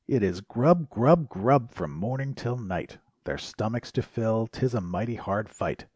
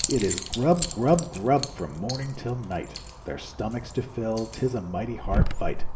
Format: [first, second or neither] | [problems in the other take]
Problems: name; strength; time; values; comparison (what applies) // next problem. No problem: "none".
first | background sound (Keys jangling); 3 dB below the speech // room echo; dies away in 2.5 s